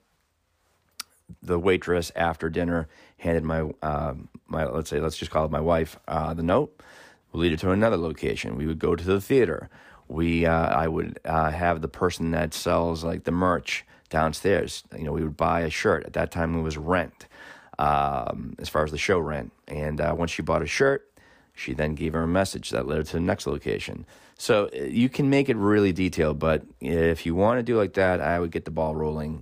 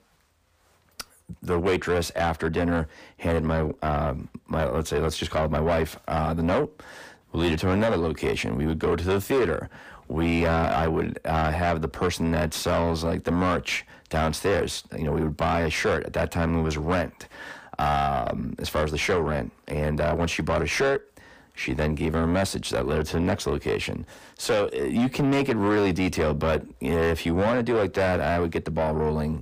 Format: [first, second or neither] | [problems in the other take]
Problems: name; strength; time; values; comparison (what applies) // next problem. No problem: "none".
first | distortion; heavy; 8 dB below the speech